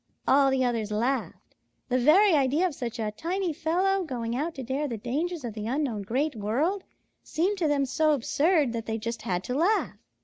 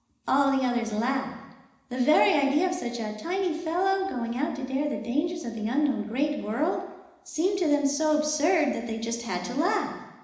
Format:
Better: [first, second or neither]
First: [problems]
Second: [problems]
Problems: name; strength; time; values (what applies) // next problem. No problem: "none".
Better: first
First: none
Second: room echo; dies away in 1 s